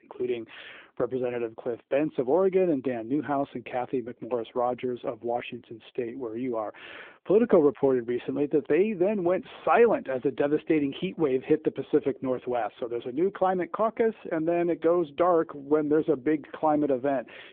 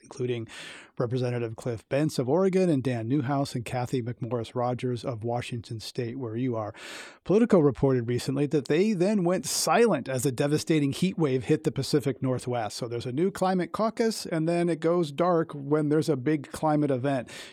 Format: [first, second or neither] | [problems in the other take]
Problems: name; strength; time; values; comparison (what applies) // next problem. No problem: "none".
second | phone-call audio